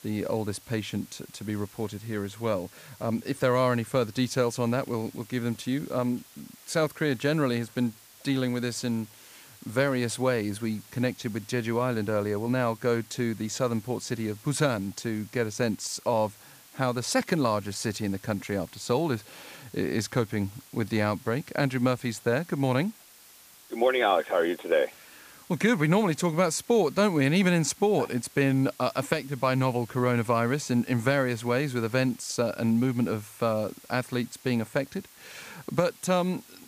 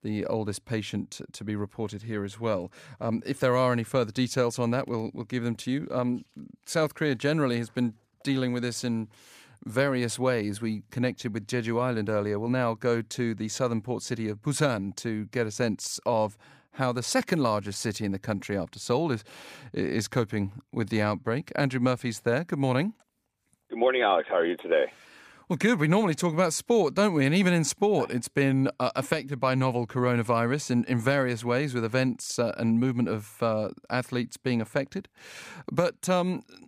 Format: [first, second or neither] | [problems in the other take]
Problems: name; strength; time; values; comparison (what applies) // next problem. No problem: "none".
second | hiss; faint; throughout; 20 dB below the speech